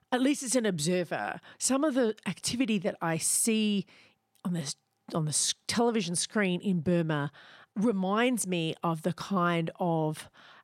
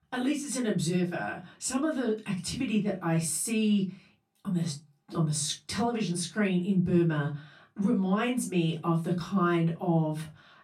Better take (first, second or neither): first